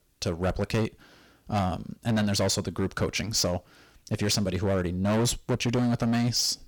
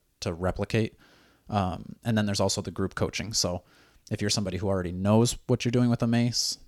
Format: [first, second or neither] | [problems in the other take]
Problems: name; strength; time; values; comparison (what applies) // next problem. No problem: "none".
second | distortion; heavy; 13% of the sound clipped